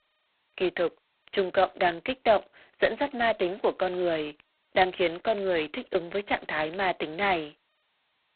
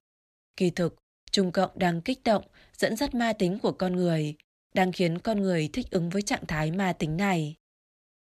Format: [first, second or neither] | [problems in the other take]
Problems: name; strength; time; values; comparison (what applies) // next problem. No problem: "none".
second | phone-call audio; poor line; nothing above 4 kHz